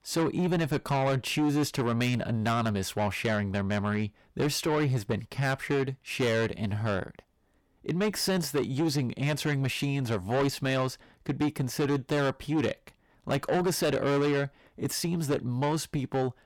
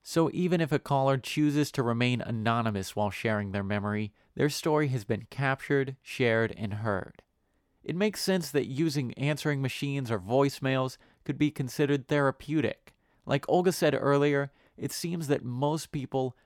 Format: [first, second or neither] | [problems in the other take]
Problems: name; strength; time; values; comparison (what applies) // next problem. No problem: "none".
second | distortion; heavy; 8 dB below the speech